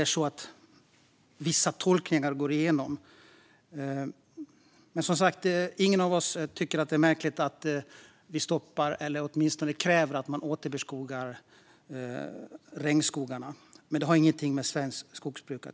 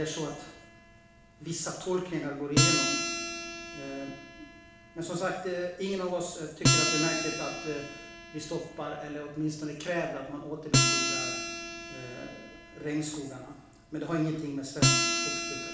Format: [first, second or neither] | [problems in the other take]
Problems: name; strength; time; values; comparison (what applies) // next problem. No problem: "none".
first | background sound (Acoustic guitar); 3 dB above the speech // room echo; dies away in 0.8 s